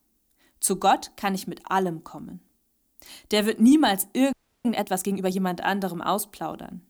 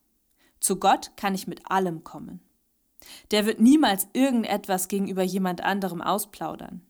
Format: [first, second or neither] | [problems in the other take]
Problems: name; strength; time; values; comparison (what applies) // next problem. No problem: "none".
second | audio freezing; at 4.5 s